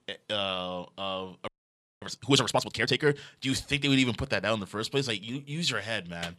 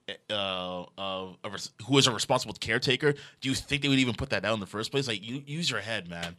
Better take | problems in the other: second | audio freezing; at 1.5 s for 0.5 s

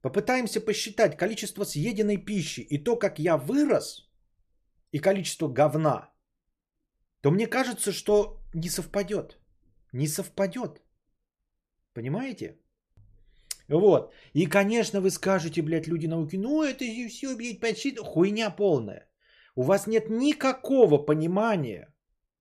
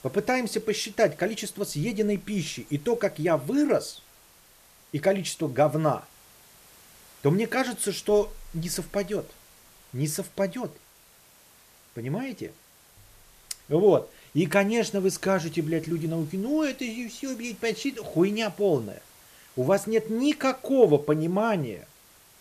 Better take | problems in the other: first | hiss; faint; throughout; 25 dB below the speech

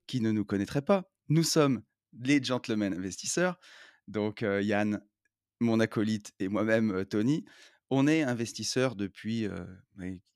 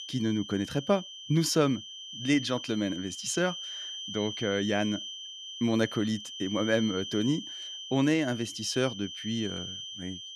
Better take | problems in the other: first | high-pitched whine; loud; throughout; 3 kHz, 8 dB below the speech

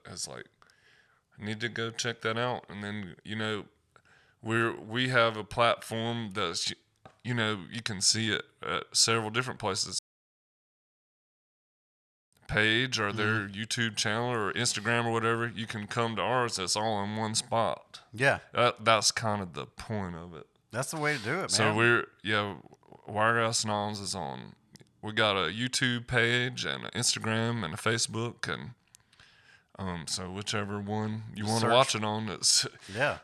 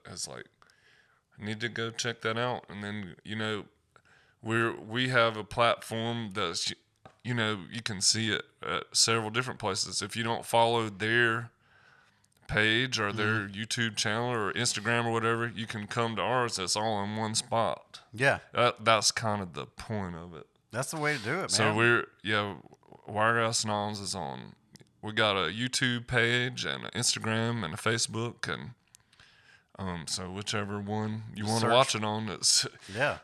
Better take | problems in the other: second | audio cutting out; at 10 s for 2.5 s

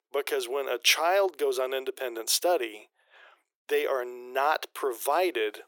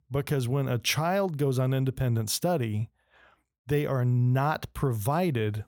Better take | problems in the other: second | thin; very; fading below 350 Hz

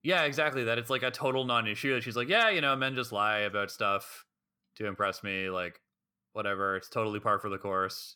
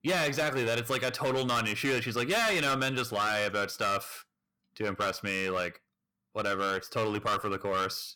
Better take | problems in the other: first | distortion; heavy; 13% of the sound clipped

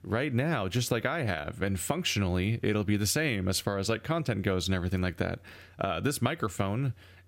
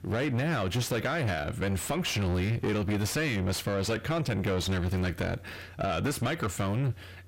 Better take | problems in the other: first | distortion; heavy; 7 dB below the speech

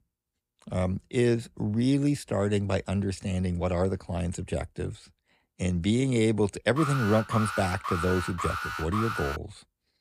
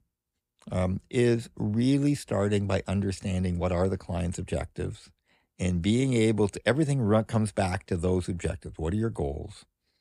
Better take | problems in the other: second | alarm; noticeable; from 7 to 9.5 s; peak 4 dB below the speech

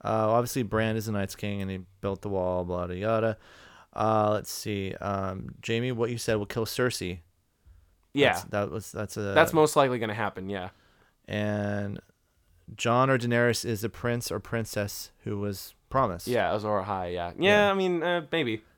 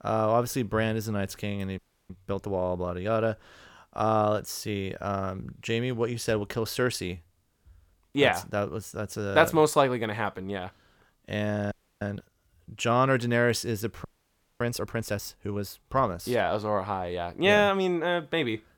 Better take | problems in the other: first | audio freezing; at 2 s, at 12 s and at 14 s for 0.5 s

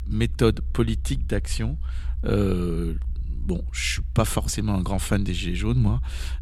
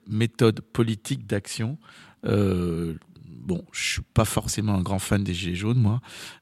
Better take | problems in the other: second | low rumble; faint; throughout; 25 dB below the speech

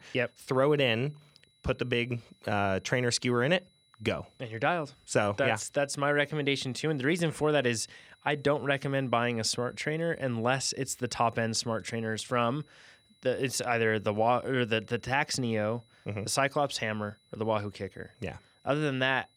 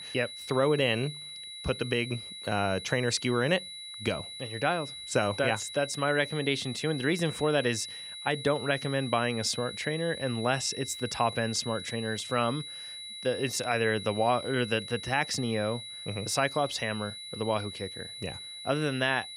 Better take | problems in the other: first | high-pitched whine; loud; throughout; 4 kHz, 9 dB below the speech; faint in the first

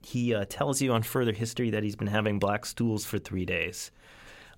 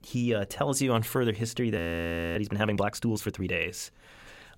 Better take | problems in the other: first | audio freezing; at 2 s for 0.5 s

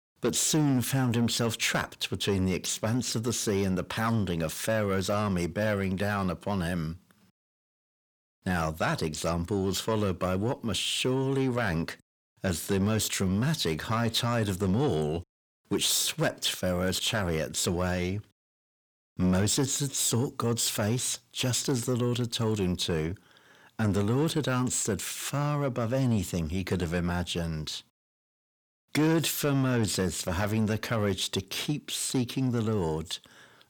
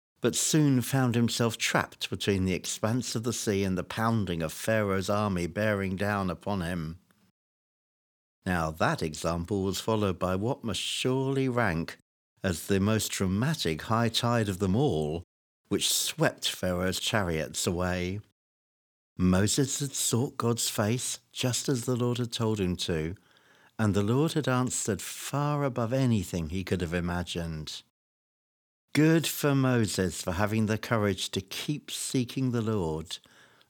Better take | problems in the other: second | distortion; slight; 10 dB below the speech

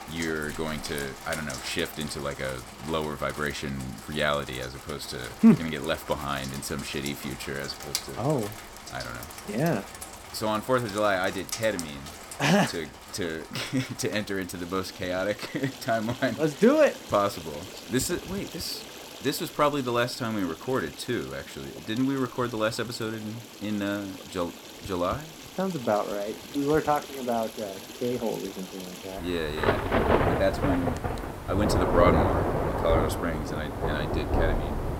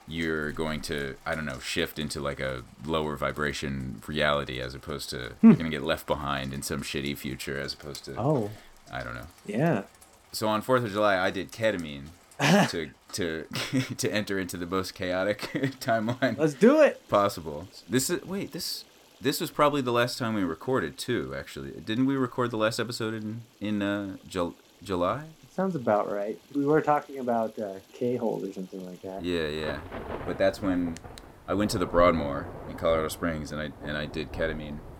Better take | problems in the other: second | rain or running water; loud; throughout; 5 dB below the speech; faint in the second

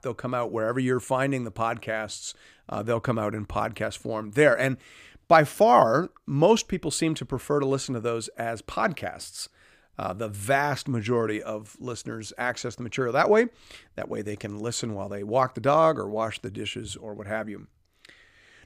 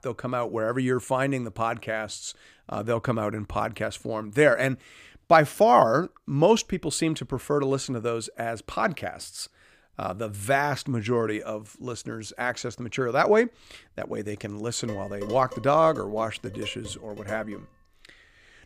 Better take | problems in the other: first | clattering dishes; faint; from 15 to 18 s; peak 15 dB below the speech

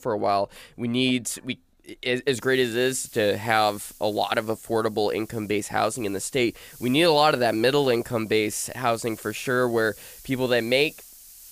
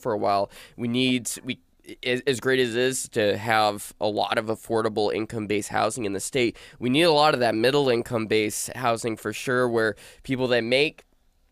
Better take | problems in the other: second | hiss; faint; from 2.5 s on; 20 dB below the speech

